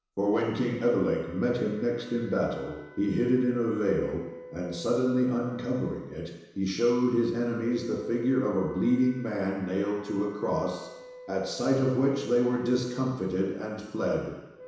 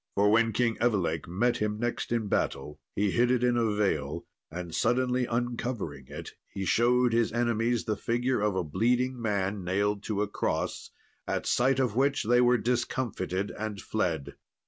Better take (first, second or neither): second